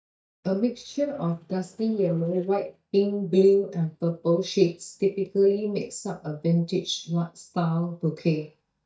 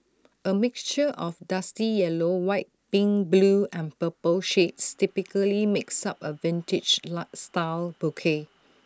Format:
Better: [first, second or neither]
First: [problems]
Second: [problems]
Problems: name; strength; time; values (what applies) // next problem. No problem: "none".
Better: second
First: noise reduction (neural mask model DeepFilterNet 3)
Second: none